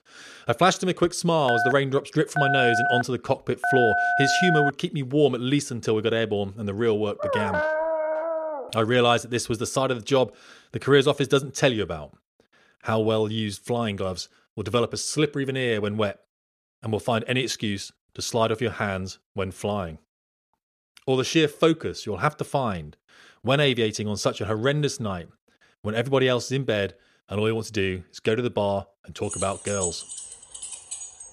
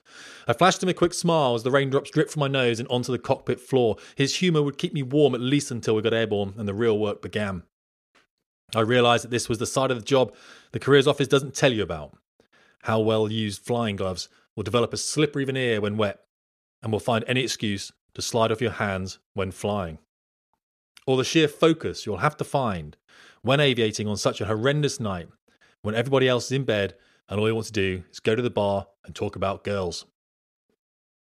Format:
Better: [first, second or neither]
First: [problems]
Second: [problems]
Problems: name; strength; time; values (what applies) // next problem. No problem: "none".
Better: second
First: phone ringing; loud; from 1.5 to 4.5 s; peak 3 dB above the speech // dog barking; loud; from 7 to 9 s; peak level with the speech // jangling keys; noticeable; from 29 s on; peak 4 dB below the speech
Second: none